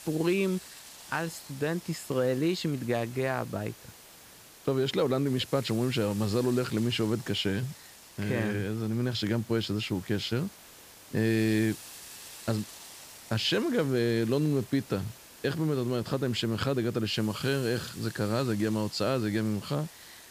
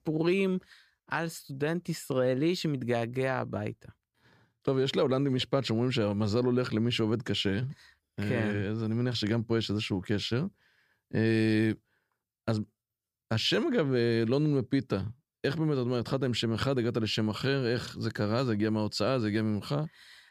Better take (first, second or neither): second